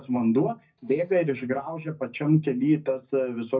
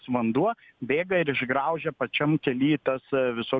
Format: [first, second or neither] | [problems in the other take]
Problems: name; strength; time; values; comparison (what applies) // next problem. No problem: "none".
second | noise reduction (neural mask model DeepFilterNet 3)